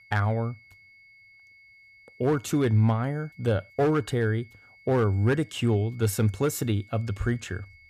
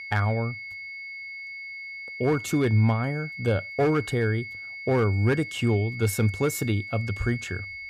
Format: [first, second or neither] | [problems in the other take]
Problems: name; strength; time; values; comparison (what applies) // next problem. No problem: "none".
first | high-pitched whine; loud; throughout; 2 kHz, 10 dB below the speech; faint in the first